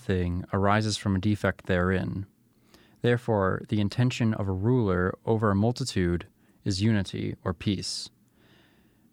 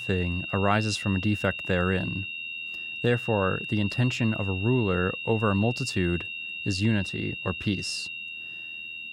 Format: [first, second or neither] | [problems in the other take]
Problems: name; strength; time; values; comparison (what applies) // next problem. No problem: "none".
first | high-pitched whine; loud; throughout; 2.5 kHz, 6 dB below the speech